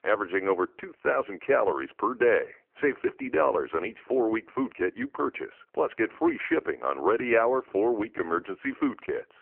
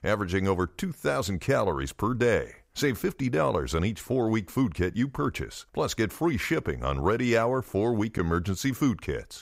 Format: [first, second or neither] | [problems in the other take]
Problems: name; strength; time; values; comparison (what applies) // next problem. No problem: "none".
second | phone-call audio; poor line